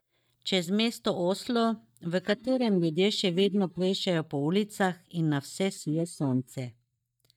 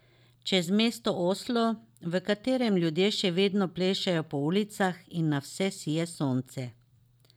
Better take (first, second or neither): second